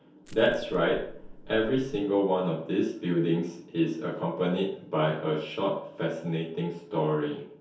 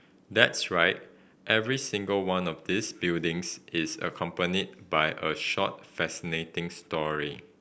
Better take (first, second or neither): second